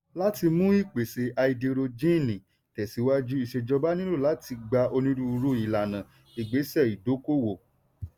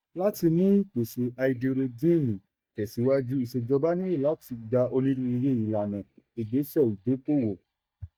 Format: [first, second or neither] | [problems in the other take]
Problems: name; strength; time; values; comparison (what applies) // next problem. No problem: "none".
first | noise reduction (neural mask model DeepFilterNet 3)